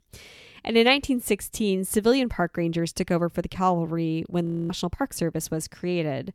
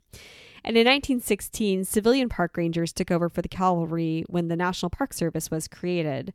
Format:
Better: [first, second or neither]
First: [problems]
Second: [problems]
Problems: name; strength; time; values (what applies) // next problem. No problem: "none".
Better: second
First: audio freezing; at 4.5 s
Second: none